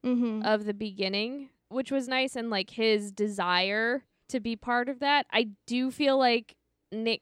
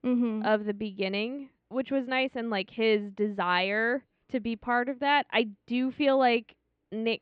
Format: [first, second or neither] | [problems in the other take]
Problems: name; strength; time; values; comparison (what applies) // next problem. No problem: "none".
first | muffled; very slightly; fading above 3 kHz